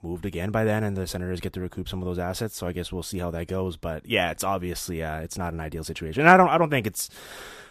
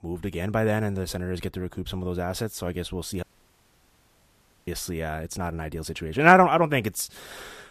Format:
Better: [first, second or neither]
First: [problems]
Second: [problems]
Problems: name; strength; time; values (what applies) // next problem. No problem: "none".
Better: first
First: none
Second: audio cutting out; at 3 s for 1.5 s